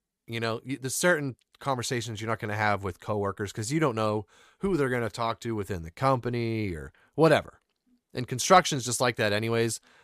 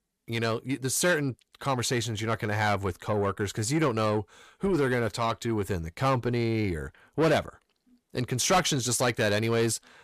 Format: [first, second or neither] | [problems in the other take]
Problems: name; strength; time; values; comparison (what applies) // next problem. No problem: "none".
first | distortion; heavy; 8 dB below the speech